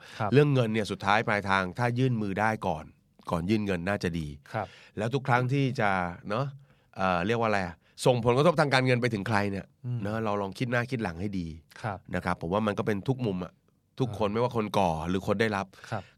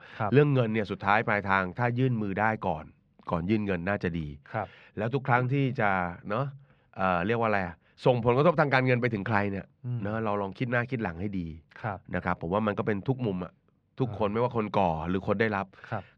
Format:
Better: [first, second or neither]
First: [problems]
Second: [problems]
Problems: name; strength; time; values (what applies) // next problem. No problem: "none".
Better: first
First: none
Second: muffled; slightly; fading above 2.5 kHz